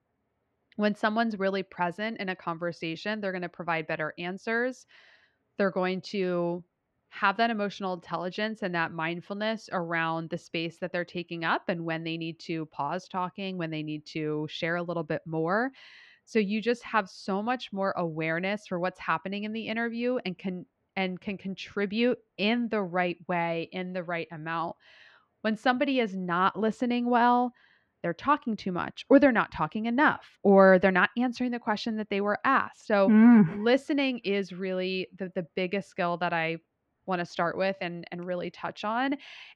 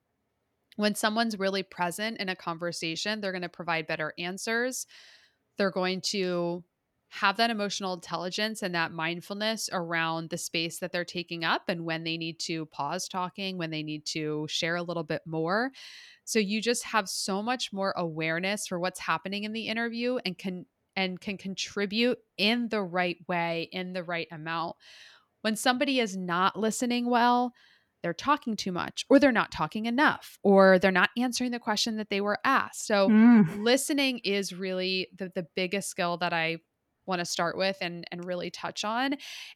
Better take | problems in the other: second | muffled; slightly; fading above 2.5 kHz

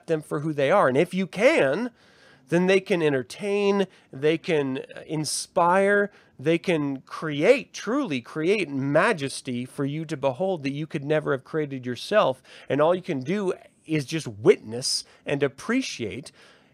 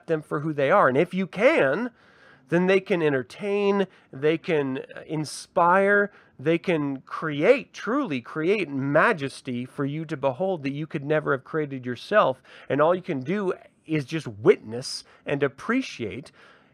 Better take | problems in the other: first | muffled; very slightly; fading above 4 kHz

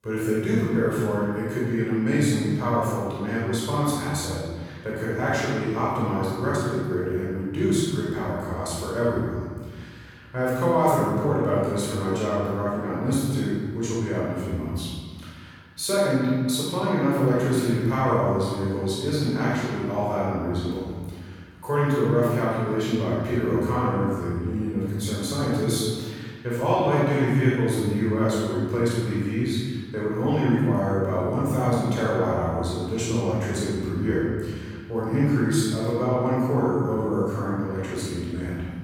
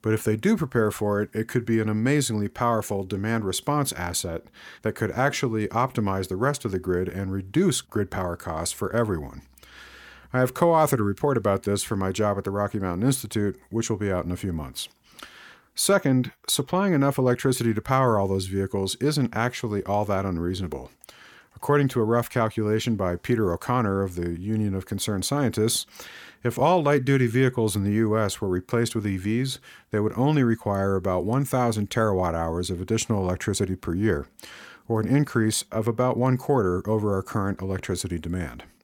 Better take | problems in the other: second | off-mic speech; far // room echo; strong; dies away in 1.6 s

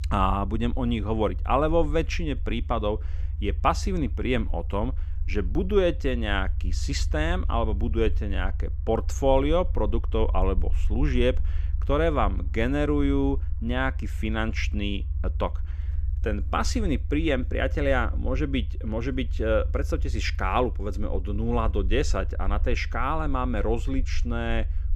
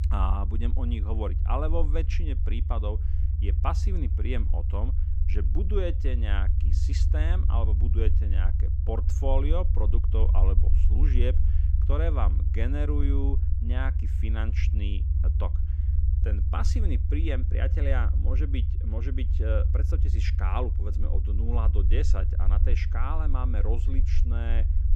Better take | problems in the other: first | low rumble; loud; throughout; 8 dB below the speech; faint in the first

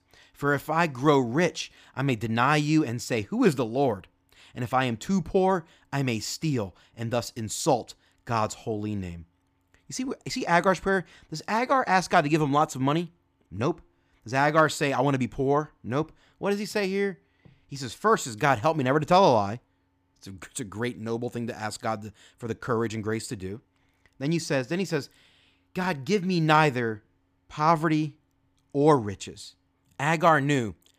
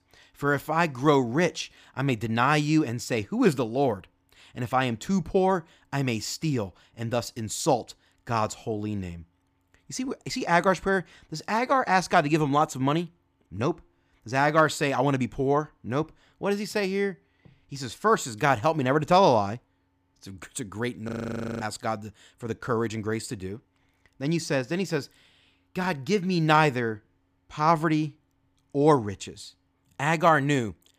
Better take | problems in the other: first | audio freezing; at 21 s for 0.5 s

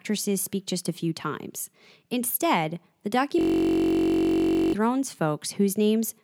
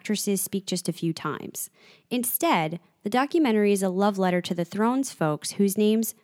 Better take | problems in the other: second | audio freezing; at 3.5 s for 1.5 s

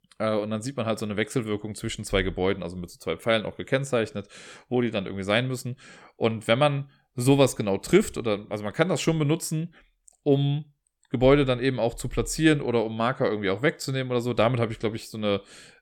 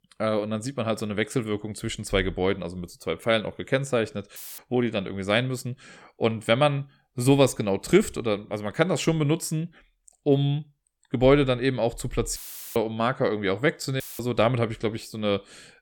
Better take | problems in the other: first | audio cutting out; filled with static; at 4.5 s, at 12 s and at 14 s

